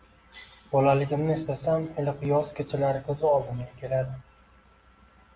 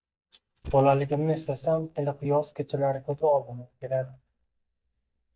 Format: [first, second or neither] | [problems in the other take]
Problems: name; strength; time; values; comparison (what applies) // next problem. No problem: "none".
first | noise reduction (neural mask model DeepFilterNet 3)